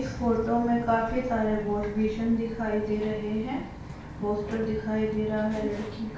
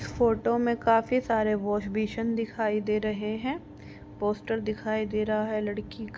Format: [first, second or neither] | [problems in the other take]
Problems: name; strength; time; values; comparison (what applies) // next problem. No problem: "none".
second | background sound (Bird vocalization, bird call, bird song); 11 dB below the speech // room echo; dies away in 0.5 s